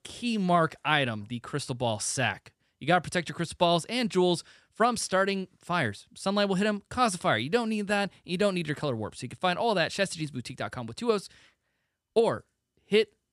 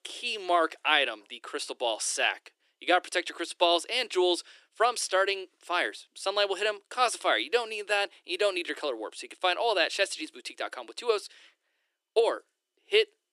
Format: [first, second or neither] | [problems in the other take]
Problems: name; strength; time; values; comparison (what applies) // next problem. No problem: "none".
first | thin; very; fading below 300 Hz